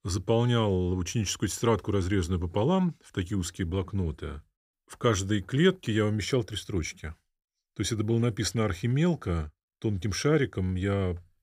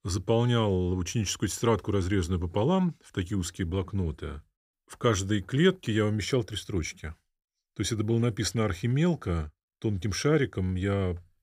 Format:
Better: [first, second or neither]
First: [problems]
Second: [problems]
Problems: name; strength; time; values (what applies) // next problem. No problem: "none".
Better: neither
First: none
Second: none